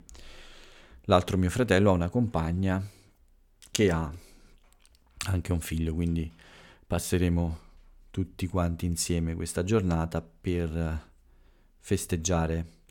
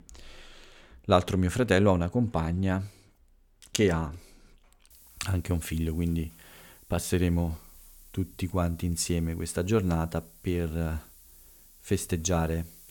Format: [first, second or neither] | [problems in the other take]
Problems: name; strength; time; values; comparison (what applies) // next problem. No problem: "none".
first | hiss; faint; from 5 s on; 25 dB below the speech